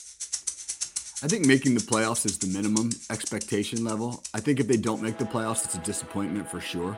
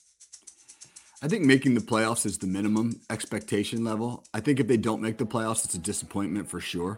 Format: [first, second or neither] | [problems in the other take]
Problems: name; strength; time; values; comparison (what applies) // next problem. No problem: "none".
second | background music; loud; throughout; 7 dB below the speech; faint in the second